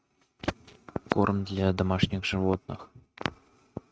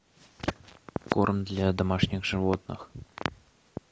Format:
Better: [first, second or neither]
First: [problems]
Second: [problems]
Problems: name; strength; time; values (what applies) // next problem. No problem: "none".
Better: second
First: noise reduction (neural mask model RNNoise)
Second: none